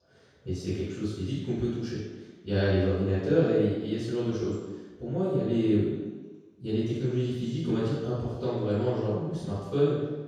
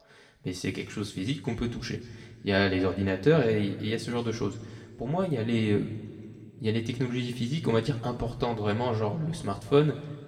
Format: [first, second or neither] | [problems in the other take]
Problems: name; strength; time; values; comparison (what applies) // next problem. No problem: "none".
second | room echo; strong; dies away in 1.2 s; slight in the second // off-mic speech; far; somewhat distant in the second